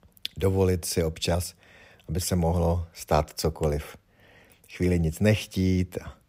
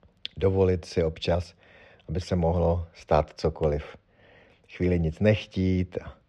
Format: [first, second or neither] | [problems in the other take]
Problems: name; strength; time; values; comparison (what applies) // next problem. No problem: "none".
first | muffled; slightly; fading above 4 kHz